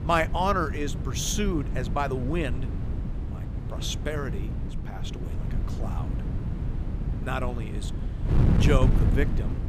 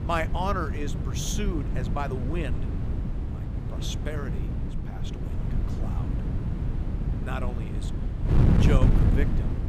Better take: first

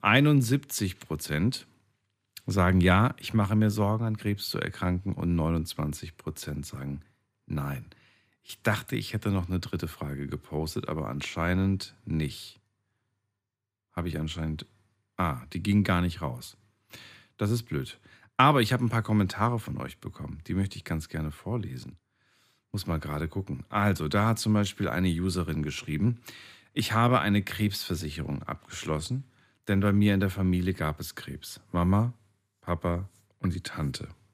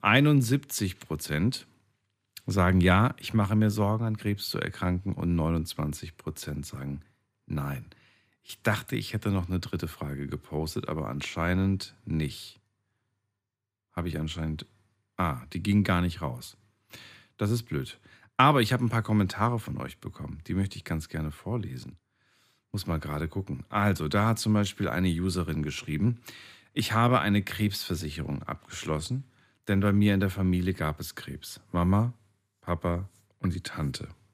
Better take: neither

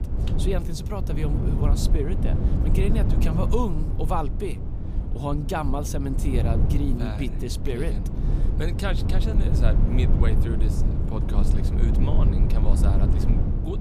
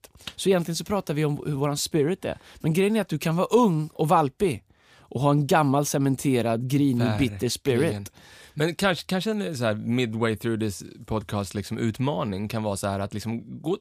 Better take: second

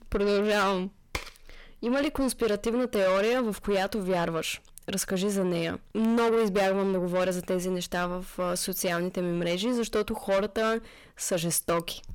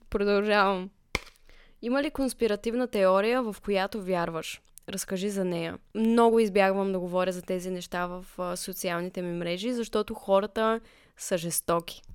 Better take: second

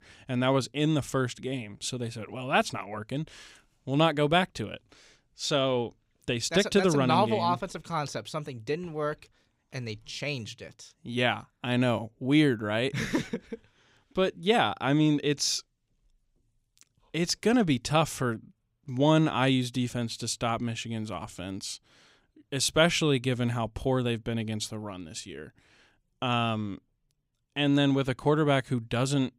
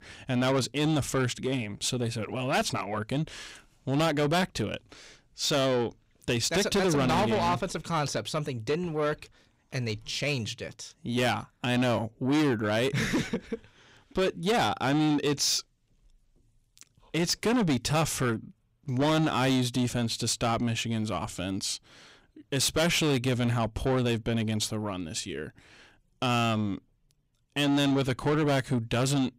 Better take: first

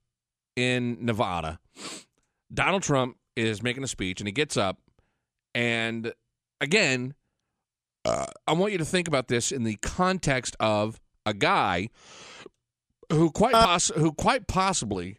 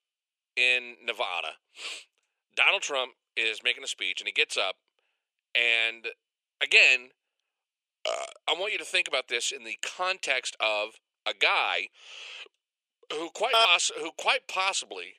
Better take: first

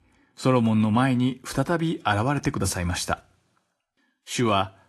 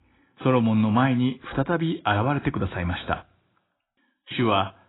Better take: first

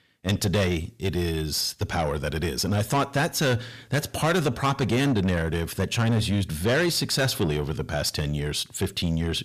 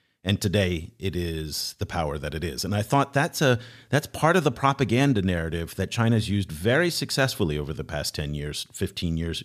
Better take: second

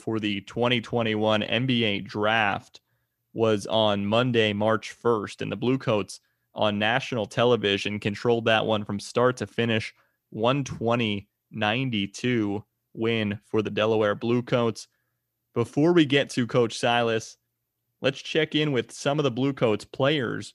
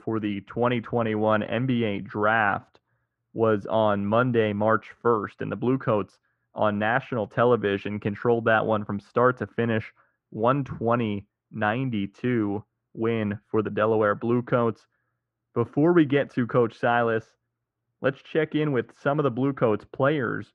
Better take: first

